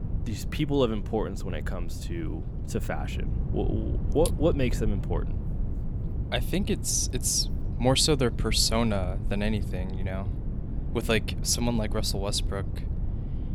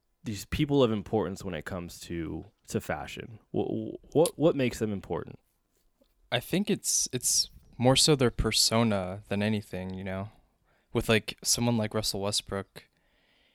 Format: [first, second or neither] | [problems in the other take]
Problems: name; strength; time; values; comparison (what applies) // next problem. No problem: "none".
second | low rumble; noticeable; throughout; 15 dB below the speech